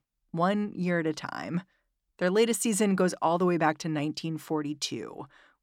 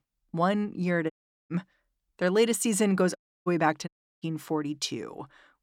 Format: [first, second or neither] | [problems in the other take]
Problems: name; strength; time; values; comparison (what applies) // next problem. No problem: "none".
first | audio cutting out; at 1 s, at 3 s and at 4 s